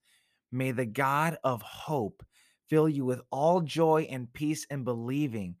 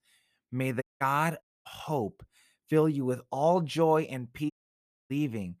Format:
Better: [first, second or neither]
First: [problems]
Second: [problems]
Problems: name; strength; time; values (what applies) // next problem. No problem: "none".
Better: first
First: none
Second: audio cutting out; at 1 s, at 1.5 s and at 4.5 s for 0.5 s